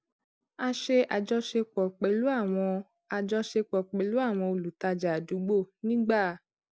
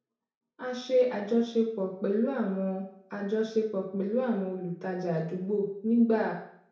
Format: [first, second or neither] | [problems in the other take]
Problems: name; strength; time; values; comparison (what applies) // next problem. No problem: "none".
first | room echo; dies away in 0.6 s